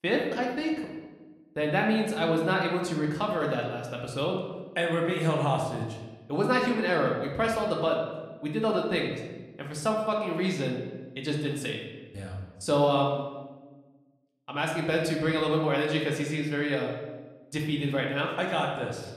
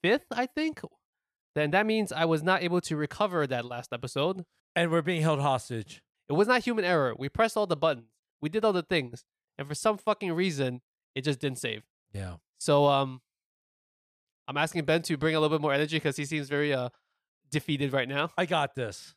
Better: second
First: room echo; noticeable; dies away in 1 s // off-mic speech; somewhat distant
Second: none

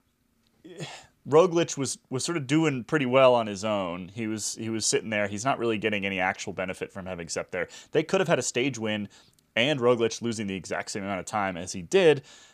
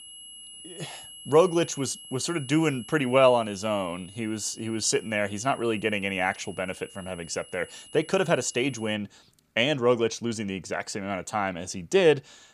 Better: first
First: none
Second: high-pitched whine; noticeable; until 9 s; 3 kHz, 20 dB below the speech

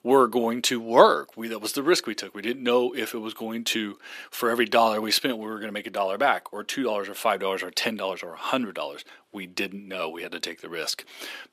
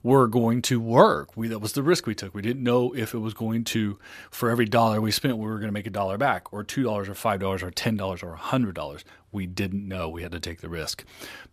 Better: second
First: thin; somewhat; fading below 300 Hz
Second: none

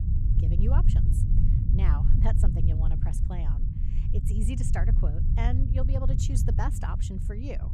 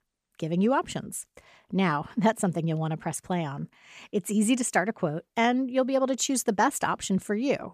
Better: second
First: low rumble; loud; throughout; 2 dB below the speech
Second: none

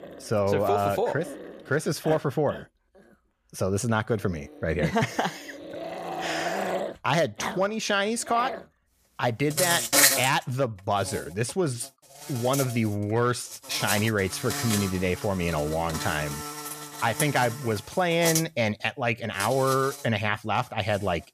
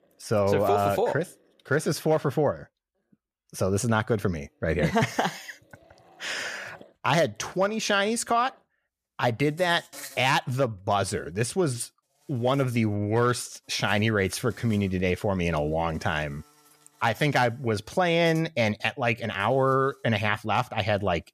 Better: second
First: animal sounds; loud; throughout; 3 dB below the speech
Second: animal sounds; faint; throughout; 25 dB below the speech

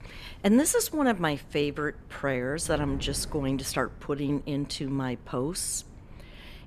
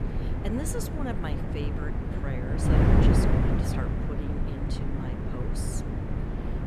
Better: first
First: wind noise on the microphone; occasional gusts; 25 dB below the speech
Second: wind noise on the microphone; heavy; 5 dB above the speech

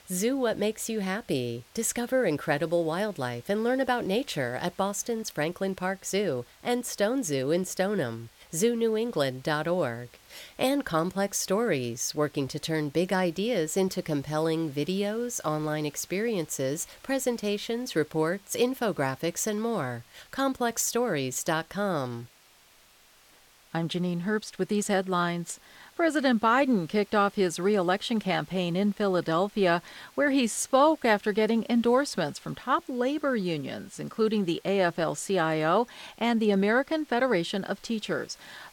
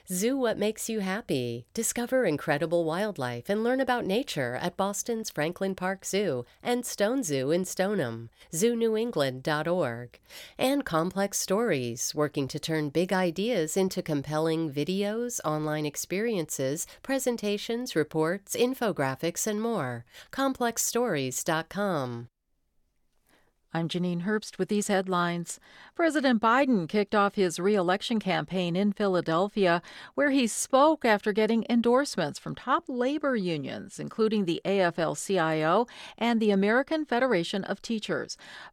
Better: second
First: hiss; faint; throughout; 25 dB below the speech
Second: none

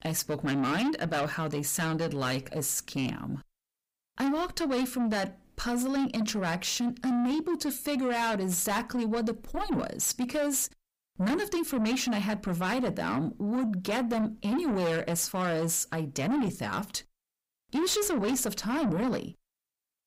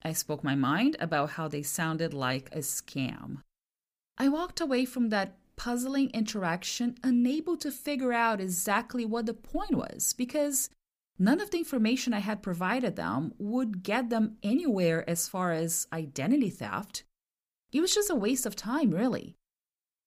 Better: second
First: distortion; heavy; 8 dB below the speech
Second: none

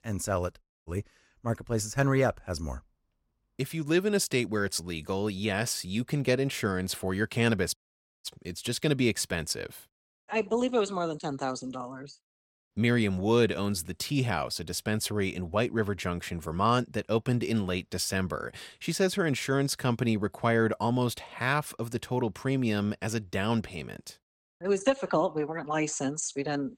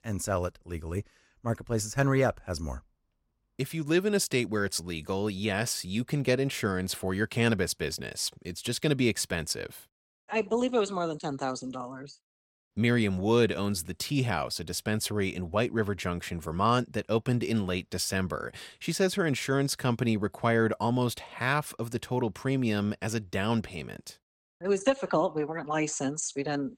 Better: second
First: audio cutting out; at 0.5 s and at 8 s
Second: none

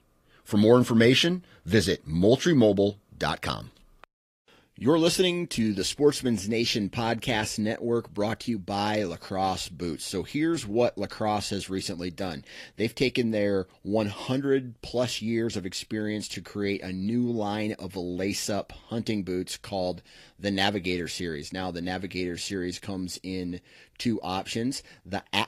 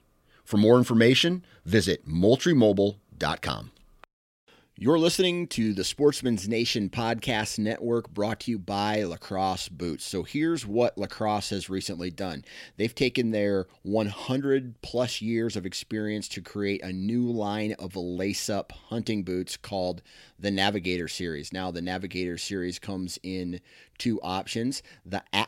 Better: second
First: garbled, watery; slightly; nothing above 14 kHz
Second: none

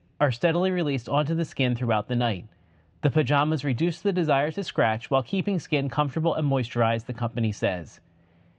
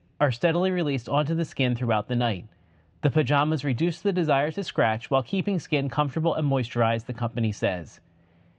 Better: neither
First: muffled; slightly; fading above 3.5 kHz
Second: muffled; slightly; fading above 3.5 kHz

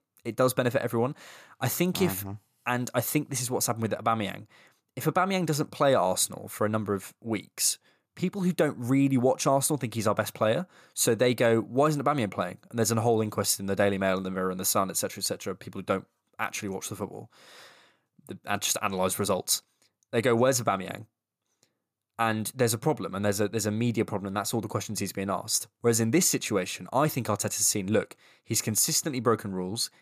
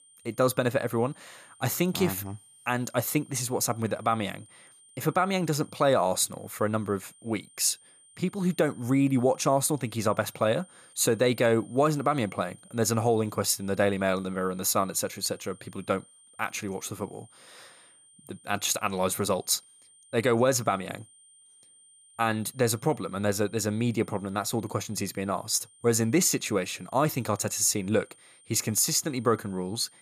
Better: first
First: none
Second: high-pitched whine; faint; throughout; 9 kHz, 25 dB below the speech

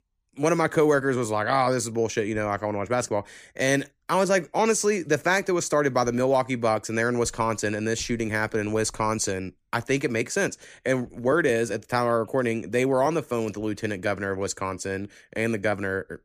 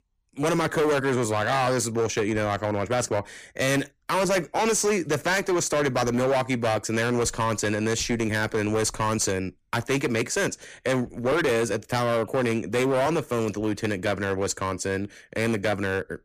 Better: first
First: none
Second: distortion; heavy; 15% of the sound clipped

